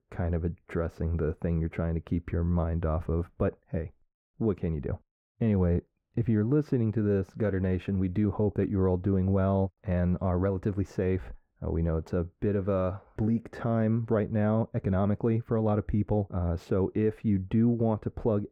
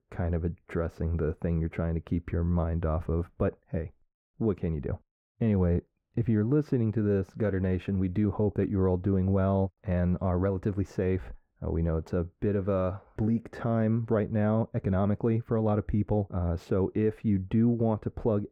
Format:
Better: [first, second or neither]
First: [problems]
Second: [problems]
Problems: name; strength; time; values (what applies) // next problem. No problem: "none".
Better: neither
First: muffled; very; fading above 2 kHz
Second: muffled; very; fading above 2 kHz